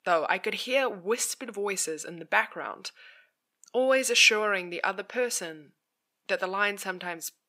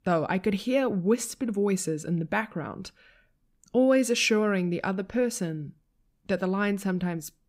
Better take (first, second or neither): second